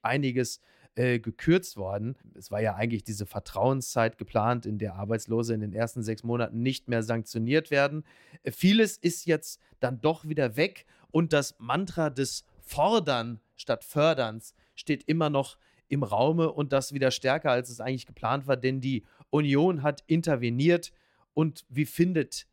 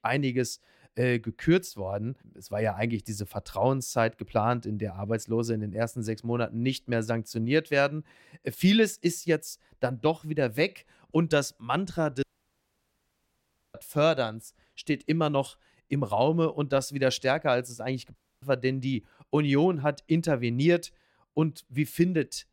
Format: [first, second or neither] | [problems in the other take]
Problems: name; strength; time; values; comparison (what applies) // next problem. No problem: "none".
first | audio cutting out; at 12 s for 1.5 s and at 18 s